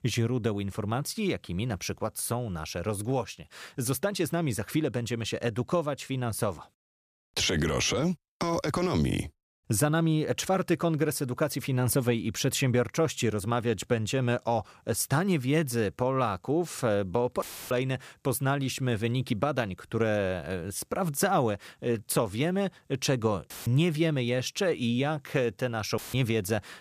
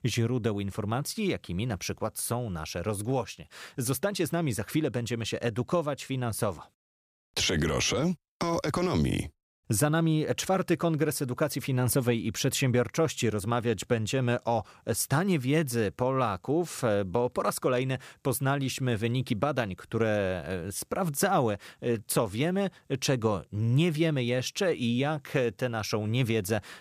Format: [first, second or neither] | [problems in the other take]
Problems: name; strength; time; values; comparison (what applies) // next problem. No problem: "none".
second | audio cutting out; filled with static; at 17 s, at 24 s and at 26 s